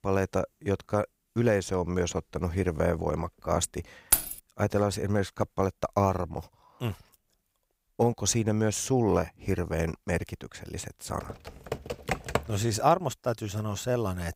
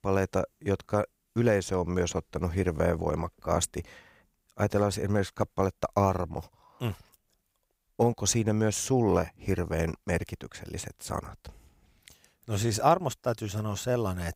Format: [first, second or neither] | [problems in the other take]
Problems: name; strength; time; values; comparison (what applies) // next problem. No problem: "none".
second | jangling keys; loud; at 4 s; peak 5 dB above the speech // keyboard typing; noticeable; from 11 to 12 s; peak 2 dB below the speech